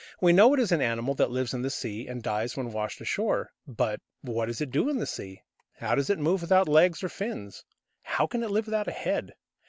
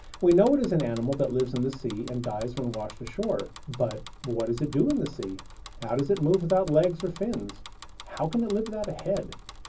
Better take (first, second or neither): first